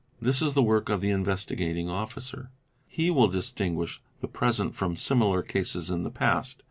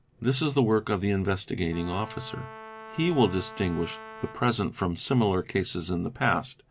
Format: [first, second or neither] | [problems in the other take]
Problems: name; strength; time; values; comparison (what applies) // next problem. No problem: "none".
first | background sound (Brass instrument); 16 dB below the speech